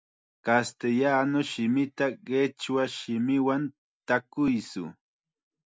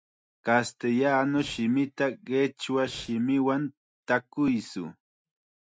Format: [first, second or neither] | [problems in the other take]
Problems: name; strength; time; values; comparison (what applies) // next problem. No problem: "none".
first | noise reduction (neural mask model RNNoise)